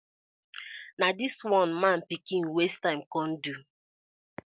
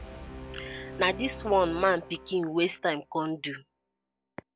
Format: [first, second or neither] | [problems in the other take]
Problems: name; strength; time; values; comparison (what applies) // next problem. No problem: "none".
first | background sound (Brass instrument); 14 dB below the speech